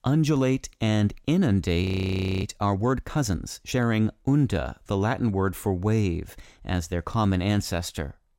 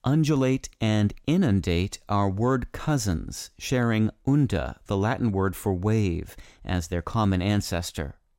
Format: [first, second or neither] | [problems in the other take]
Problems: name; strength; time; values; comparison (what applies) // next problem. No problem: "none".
second | audio freezing; at 2 s for 0.5 s